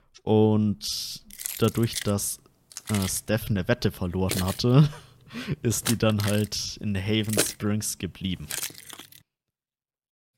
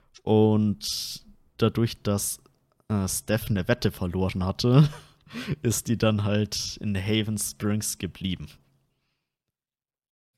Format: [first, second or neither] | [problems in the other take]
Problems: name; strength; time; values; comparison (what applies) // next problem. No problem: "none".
second | jangling keys; noticeable; from 1.5 to 9 s; peak 1 dB below the speech